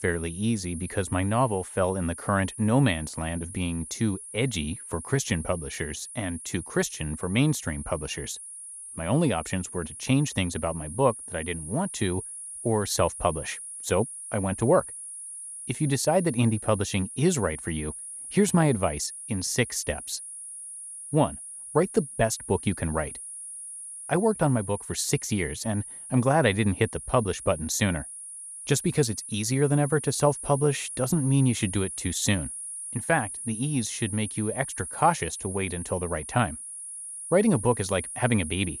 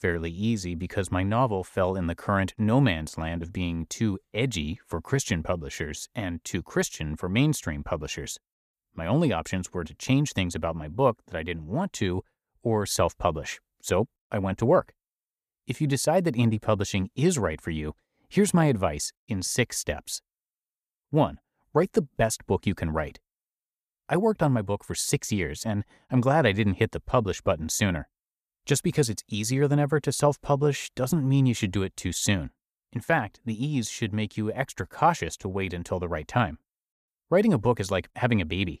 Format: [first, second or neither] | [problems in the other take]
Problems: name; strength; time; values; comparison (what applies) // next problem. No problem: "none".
second | high-pitched whine; loud; throughout; 10.5 kHz, 9 dB below the speech